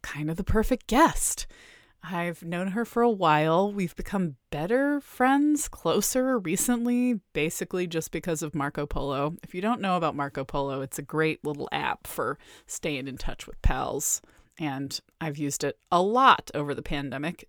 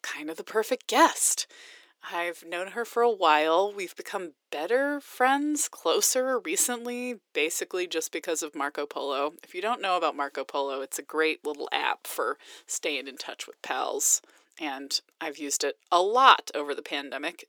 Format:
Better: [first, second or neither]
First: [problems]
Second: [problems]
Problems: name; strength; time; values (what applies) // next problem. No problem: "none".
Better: first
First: none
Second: thin; somewhat; fading below 350 Hz